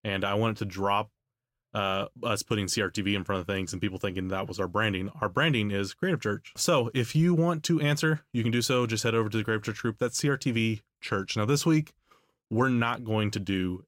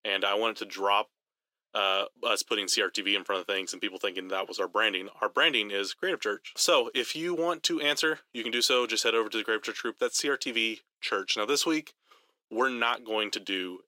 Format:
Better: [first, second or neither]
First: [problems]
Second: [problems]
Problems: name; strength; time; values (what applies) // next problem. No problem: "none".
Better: first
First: none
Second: thin; very; fading below 350 Hz